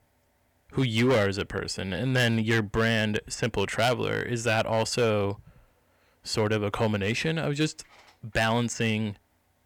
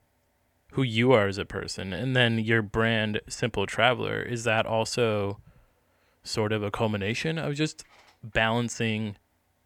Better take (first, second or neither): second